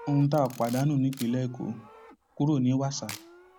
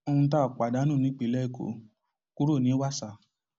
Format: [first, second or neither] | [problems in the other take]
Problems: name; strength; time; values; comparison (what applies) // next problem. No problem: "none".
second | background sound (Camera + Livestock, farm animals, working animals); 19 dB below the speech